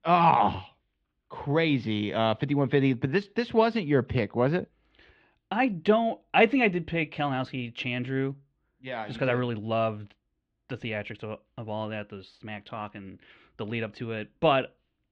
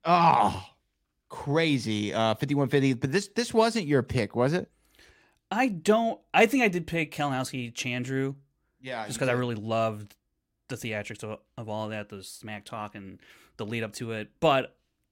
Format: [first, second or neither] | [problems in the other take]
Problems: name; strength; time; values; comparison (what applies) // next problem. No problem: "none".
second | muffled; slightly; fading above 3.5 kHz